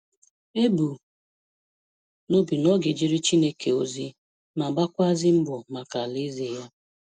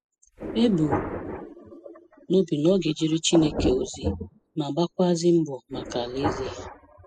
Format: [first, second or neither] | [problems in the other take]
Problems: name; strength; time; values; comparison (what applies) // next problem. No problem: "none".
first | noise reduction (classical method spectral subtraction)